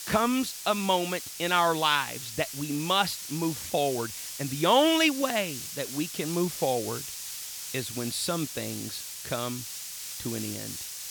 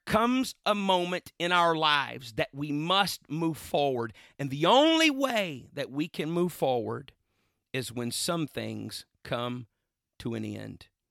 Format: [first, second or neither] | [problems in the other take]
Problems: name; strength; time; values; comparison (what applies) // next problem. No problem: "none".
second | hiss; loud; throughout; 8 dB below the speech